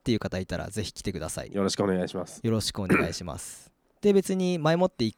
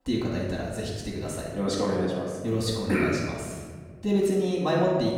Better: first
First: none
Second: off-mic speech; far // room echo; noticeable; dies away in 1.5 s

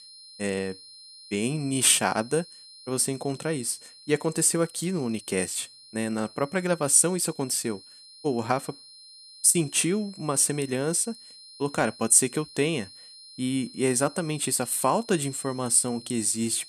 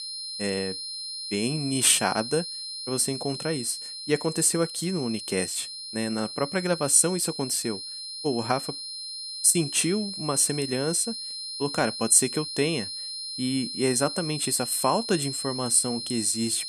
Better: first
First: high-pitched whine; faint; throughout; 4 kHz, 20 dB below the speech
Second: high-pitched whine; loud; throughout; 4 kHz, 8 dB below the speech

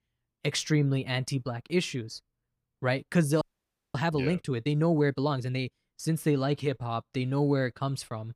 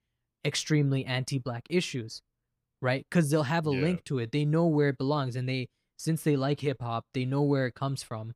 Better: second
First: audio freezing; at 3.5 s for 0.5 s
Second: none

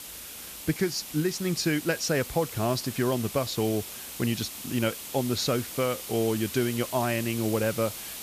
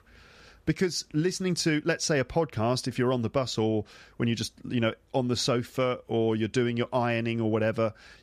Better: second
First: hiss; loud; throughout; 9 dB below the speech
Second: none

